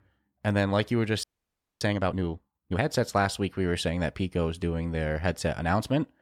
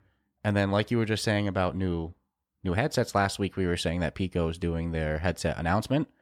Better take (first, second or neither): second